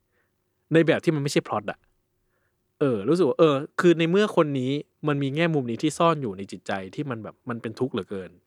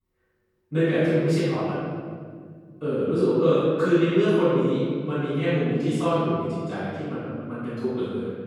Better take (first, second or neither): first